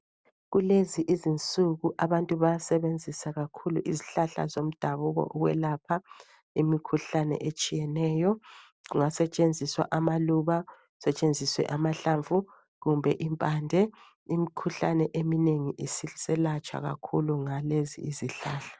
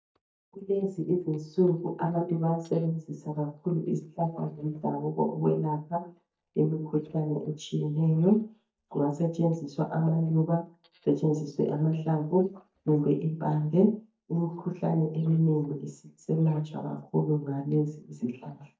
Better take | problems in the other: first | noise reduction (neural mask model DeepFilterNet 3)

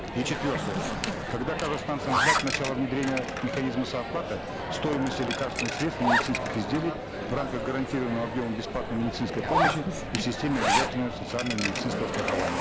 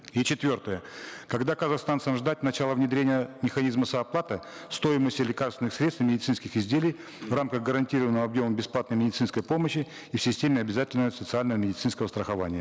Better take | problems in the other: second | background sound (Zipper (clothing) + Coin (dropping)); 1 dB above the speech

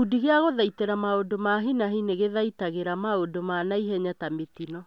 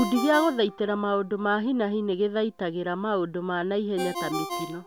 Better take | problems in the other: first | background sound (Ringtone); 11 dB below the speech

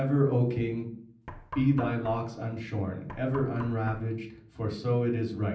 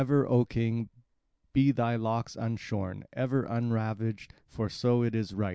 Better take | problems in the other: second | background sound (Knock); 15 dB below the speech // room echo; dies away in 0.6 s

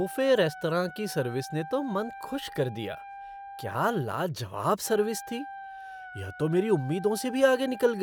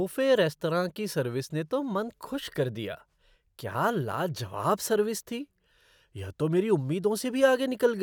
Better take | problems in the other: second | background sound (Wind instrument, woodwind instrument); 14 dB below the speech

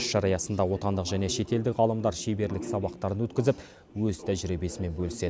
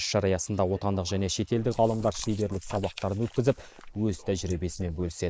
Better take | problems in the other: first | noise reduction (neural mask model Resemble Enhance denoiser)

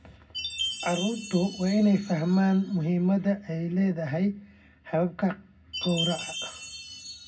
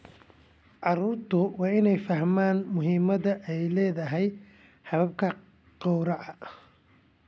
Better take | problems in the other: second | background sound (Chime); 11 dB below the speech // room echo; dies away in 0.4 s

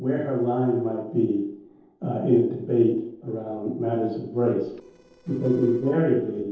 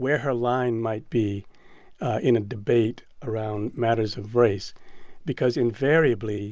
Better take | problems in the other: second | noise reduction (neural separator model SepFormer DNS4)

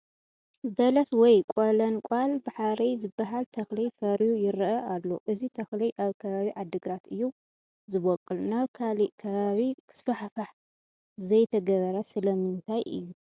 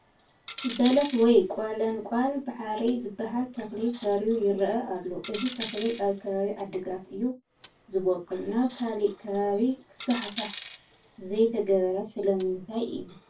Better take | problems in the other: first | background sound (Coin (dropping)); 18 dB below the speech // room echo; dies away in 0.2 s

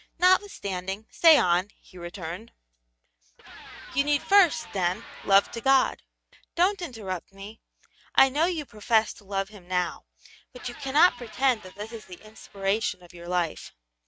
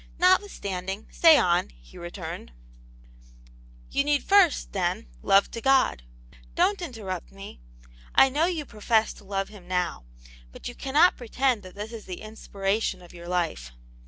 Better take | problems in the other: second | noise reduction (neural mask model RNNoise)

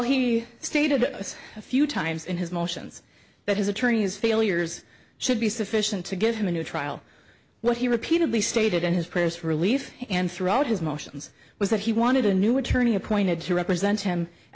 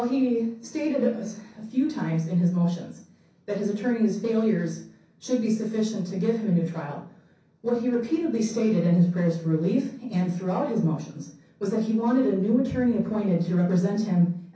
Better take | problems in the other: first | room echo; dies away in 0.6 s

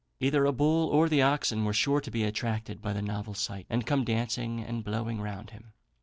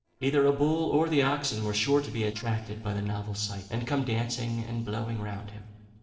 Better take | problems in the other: first | noise reduction (neural separator model SepFormer DNS4)

